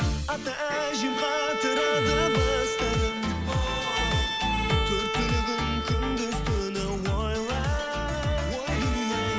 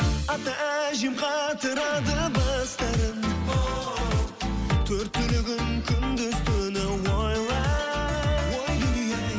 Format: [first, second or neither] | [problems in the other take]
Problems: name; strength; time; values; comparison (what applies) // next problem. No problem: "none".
second | background sound (Bowed string instrument); 4 dB below the speech